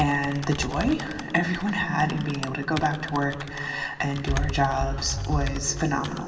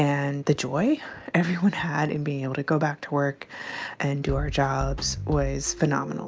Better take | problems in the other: second | background sound (Typing); 13 dB below the speech // room echo; dies away in 2.7 s

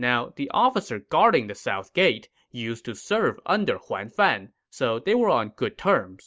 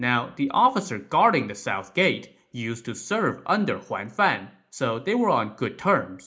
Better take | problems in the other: first | room echo; dies away in 0.4 s

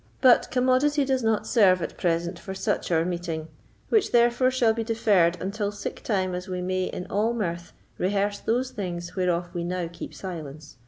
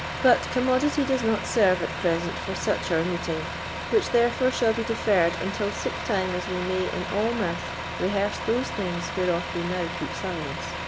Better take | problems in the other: first | background sound (Truck); 6 dB below the speech

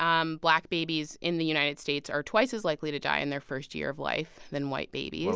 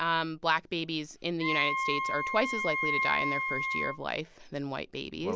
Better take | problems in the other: first | background sound (Wind instrument, woodwind instrument); as loud as the speech

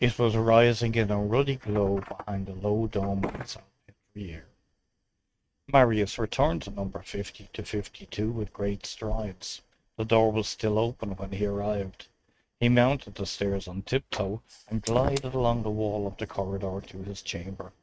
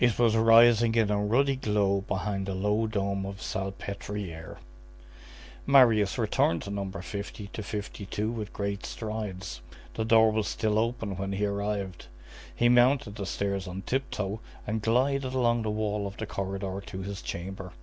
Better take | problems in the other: second | noise reduction (neural mask model RNNoise)

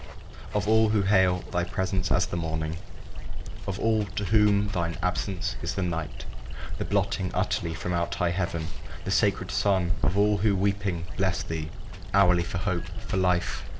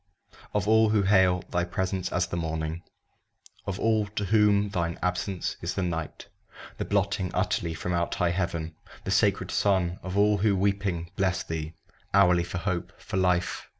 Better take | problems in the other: second | background sound (Water); 2 dB below the speech

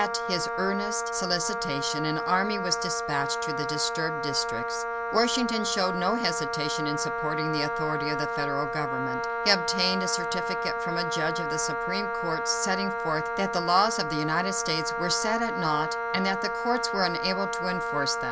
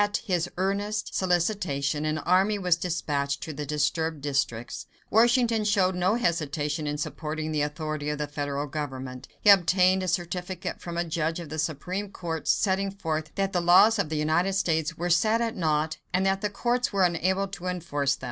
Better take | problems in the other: second | background sound (Wind instrument, woodwind instrument); 1 dB below the speech

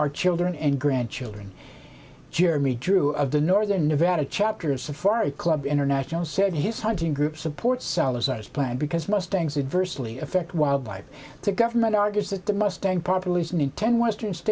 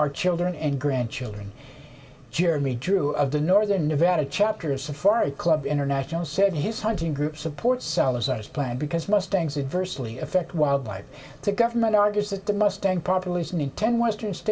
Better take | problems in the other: first | room echo; dies away in 1.6 s

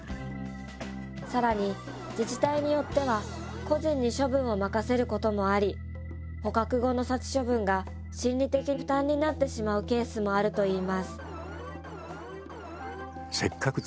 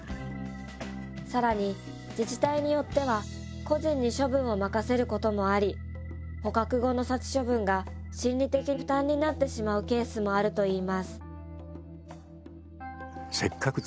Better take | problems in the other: second | background sound (Alarm); 14 dB below the speech

